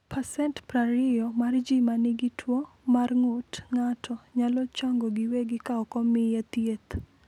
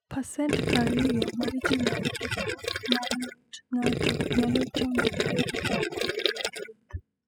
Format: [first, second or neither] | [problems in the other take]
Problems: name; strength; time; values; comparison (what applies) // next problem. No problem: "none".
first | noise reduction (classical method spectral subtraction)